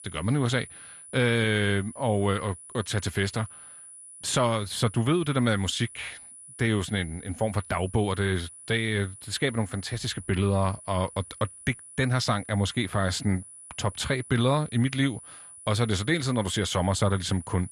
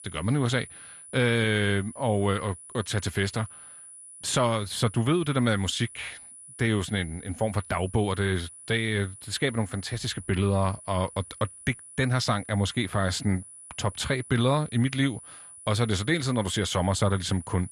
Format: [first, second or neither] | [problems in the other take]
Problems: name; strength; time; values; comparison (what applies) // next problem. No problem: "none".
neither | high-pitched whine; noticeable; throughout; 10 kHz, 15 dB below the speech; the same in both